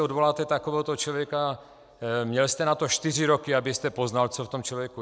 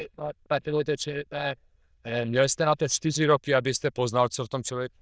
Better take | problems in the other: first | noise reduction (neural diffusion model UNIVERSE++)

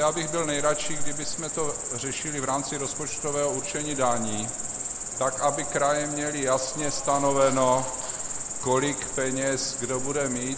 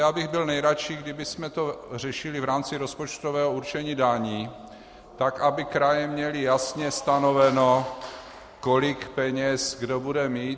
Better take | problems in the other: second | background sound (Cricket); 3 dB below the speech

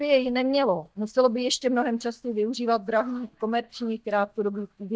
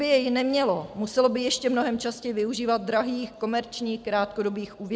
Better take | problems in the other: second | noise reduction (neural mask model DeepFilterNet 3)

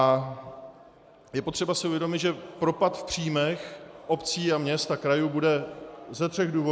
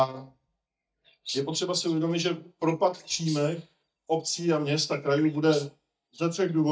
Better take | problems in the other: first | noise reduction (neural mask model DeepFilterNet 3)

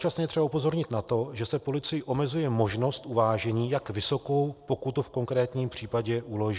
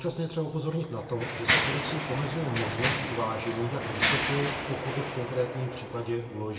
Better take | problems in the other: first | background sound (Mechanisms); 1 dB below the speech // room echo; dies away in 1.7 s

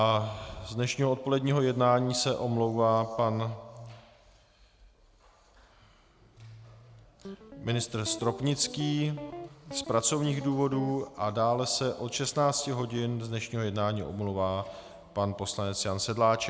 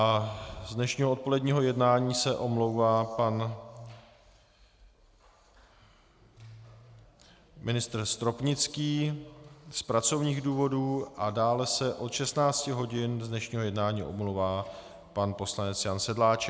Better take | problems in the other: second | background sound (Guitar); 13 dB below the speech

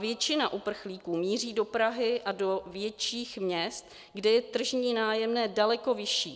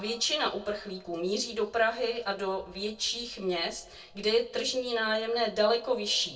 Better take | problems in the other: first | room echo; dies away in 0.2 s

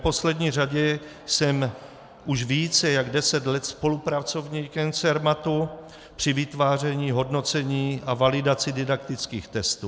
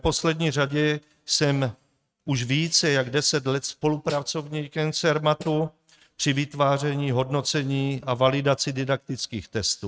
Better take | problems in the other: first | noise reduction (neural mask model RNNoise)

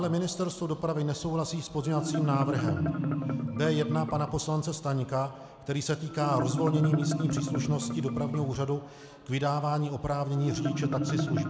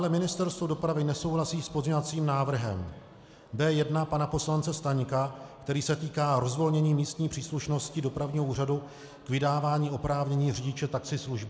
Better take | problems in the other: second | background sound (Marimba, xylophone); 3 dB below the speech

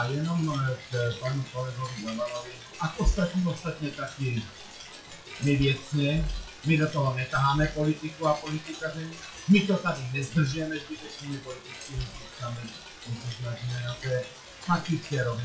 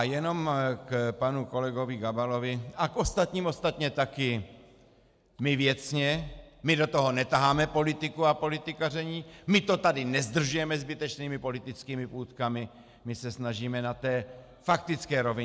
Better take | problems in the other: second | noise reduction (classical method WPE with log-MMSE)

